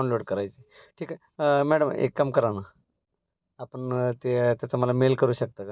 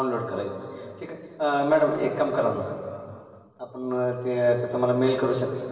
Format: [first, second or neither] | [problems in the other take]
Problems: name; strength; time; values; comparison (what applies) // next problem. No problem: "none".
first | room echo; dies away in 2.4 s